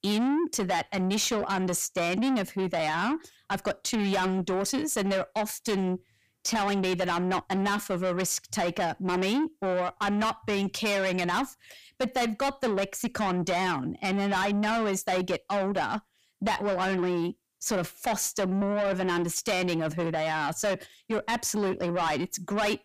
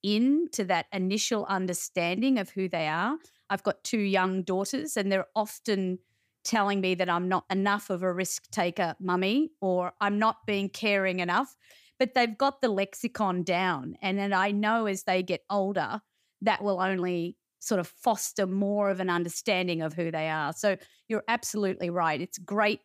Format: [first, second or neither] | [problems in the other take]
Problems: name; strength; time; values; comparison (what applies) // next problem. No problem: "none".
second | distortion; heavy; 7 dB below the speech